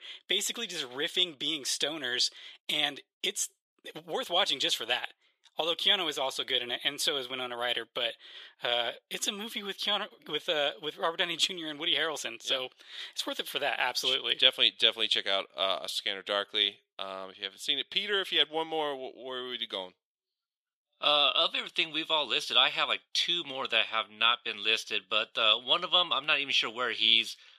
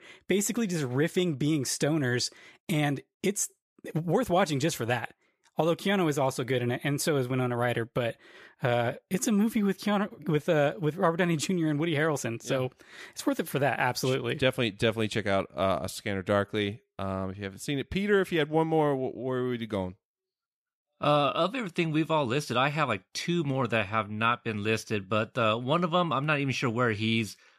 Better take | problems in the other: second | thin; somewhat; fading below 500 Hz

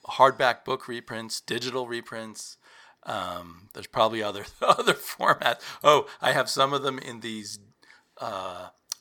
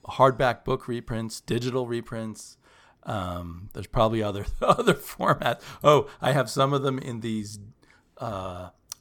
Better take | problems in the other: second | thin; somewhat; fading below 600 Hz

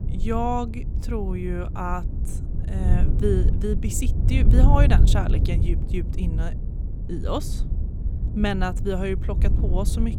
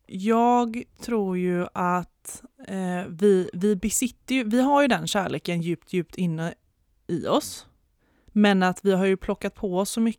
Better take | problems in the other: second | wind noise on the microphone; heavy; 9 dB below the speech

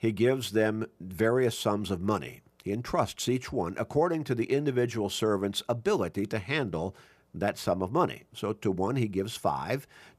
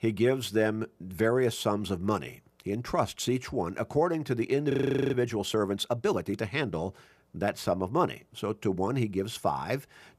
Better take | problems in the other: first | audio freezing; at 4.5 s

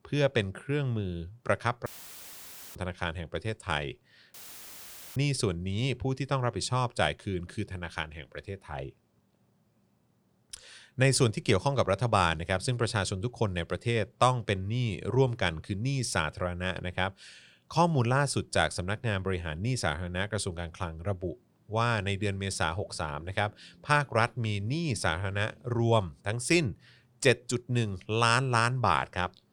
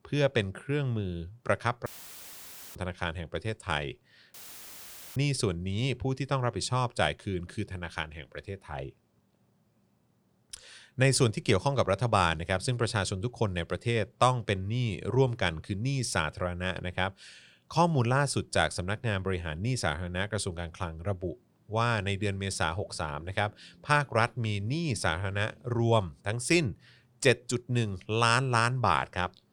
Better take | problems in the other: neither | audio cutting out; filled with static; at 2 s for 1 s and at 4.5 s for 1 s; the same in both

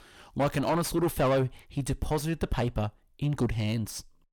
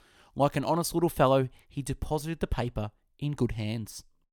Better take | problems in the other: second | distortion; heavy; 7 dB below the speech

